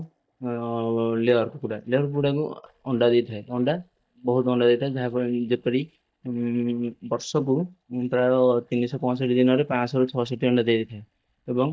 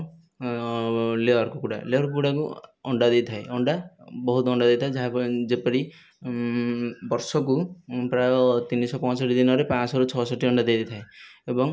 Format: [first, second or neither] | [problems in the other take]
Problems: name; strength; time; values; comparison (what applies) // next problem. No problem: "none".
second | noise reduction (neural mask model DeepFilterNet 3)